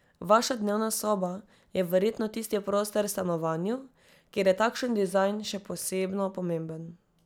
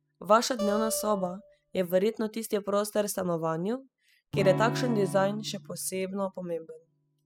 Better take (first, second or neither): first